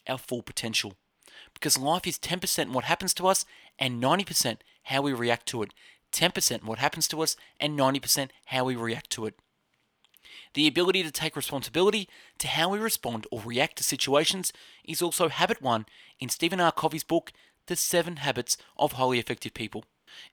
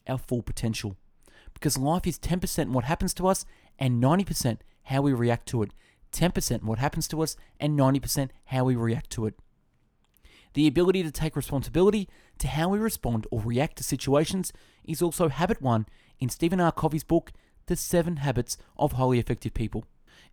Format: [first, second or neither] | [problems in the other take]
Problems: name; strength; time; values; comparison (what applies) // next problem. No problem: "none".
second | thin; somewhat; fading below 700 Hz